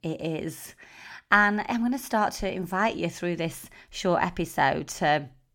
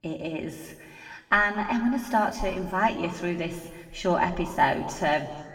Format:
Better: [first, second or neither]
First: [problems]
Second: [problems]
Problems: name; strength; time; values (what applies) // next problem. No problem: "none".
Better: first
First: none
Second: room echo; noticeable; dies away in 1.6 s // off-mic speech; far